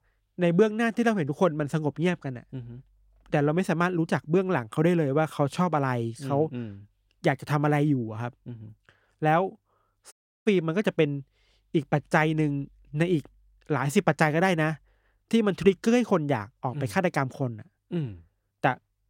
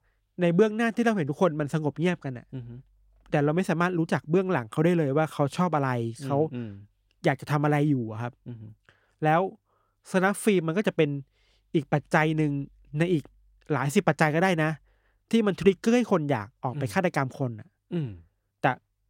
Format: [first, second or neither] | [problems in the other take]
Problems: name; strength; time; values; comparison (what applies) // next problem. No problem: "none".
second | audio cutting out; at 10 s